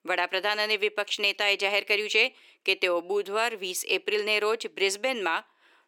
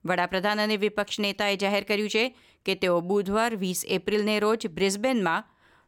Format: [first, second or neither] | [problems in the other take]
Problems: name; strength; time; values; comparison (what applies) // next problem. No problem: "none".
second | thin; somewhat; fading below 350 Hz